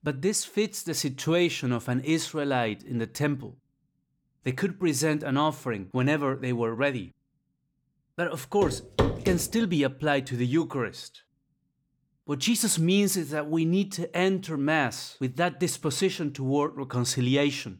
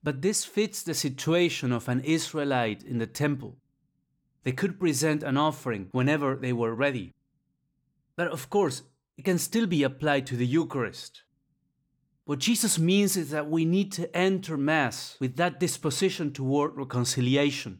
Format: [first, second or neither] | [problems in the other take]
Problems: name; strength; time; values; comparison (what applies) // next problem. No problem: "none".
second | footsteps; loud; at 8.5 s; peak level with the speech